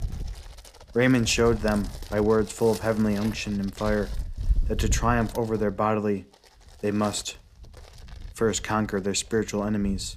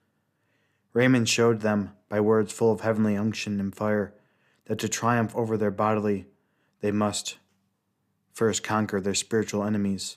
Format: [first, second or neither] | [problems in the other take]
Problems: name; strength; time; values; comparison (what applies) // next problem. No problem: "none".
second | wind noise on the microphone; occasional gusts; 20 dB below the speech